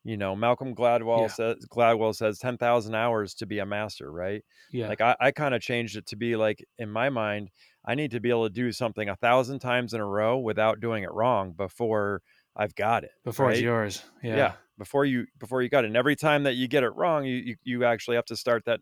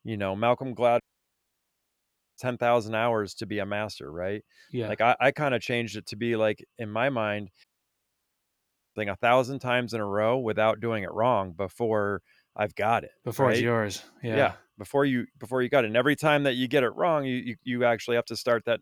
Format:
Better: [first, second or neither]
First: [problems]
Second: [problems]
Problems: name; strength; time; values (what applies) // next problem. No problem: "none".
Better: first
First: none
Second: audio cutting out; at 1 s for 1.5 s and at 7.5 s for 1.5 s